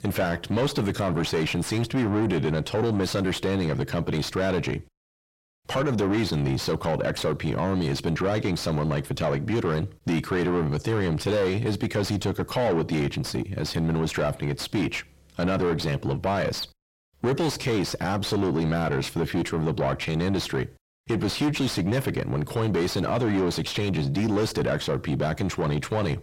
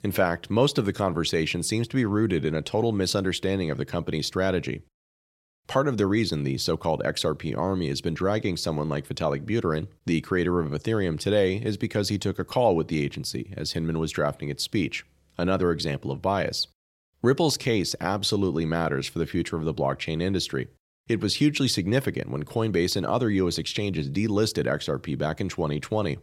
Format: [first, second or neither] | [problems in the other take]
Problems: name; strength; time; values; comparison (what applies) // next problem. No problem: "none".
second | distortion; heavy; 7 dB below the speech